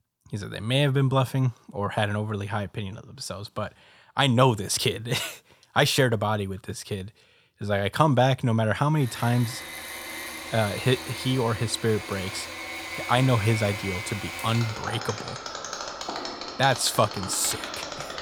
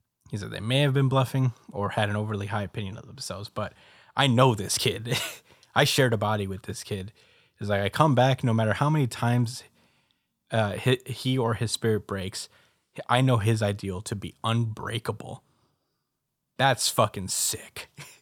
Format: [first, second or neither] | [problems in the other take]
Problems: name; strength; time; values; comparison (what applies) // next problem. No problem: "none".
second | machinery noise; loud; from 9 s on; 8 dB below the speech